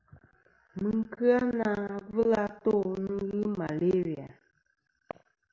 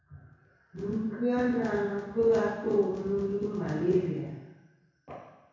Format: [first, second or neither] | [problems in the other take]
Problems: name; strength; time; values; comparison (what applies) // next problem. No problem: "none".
first | room echo; dies away in 1 s